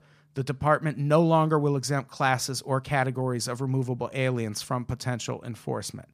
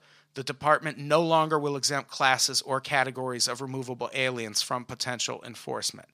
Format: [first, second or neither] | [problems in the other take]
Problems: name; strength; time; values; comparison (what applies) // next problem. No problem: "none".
first | thin; somewhat; fading below 550 Hz